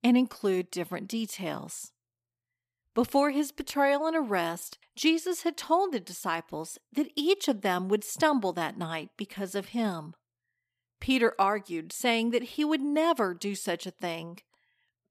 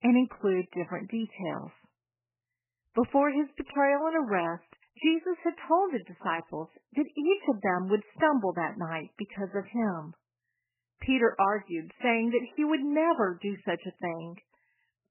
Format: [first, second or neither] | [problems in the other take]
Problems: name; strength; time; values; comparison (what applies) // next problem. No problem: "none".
first | garbled, watery; badly; nothing above 3 kHz